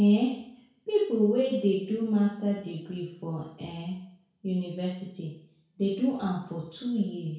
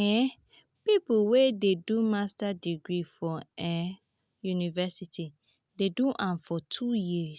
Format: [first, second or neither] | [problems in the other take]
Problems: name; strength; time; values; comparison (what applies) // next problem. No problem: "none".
second | room echo; dies away in 0.6 s